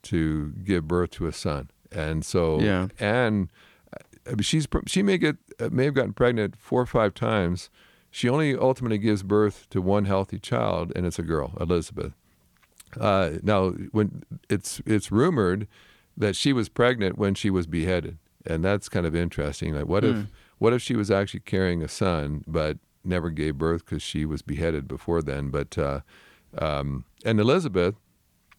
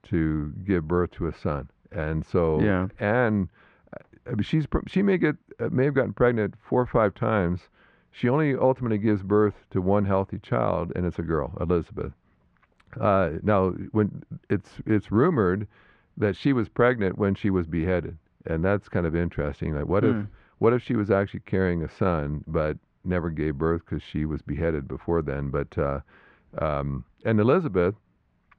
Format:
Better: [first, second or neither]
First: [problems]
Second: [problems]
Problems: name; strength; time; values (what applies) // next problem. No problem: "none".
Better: first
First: none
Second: muffled; very; fading above 1.5 kHz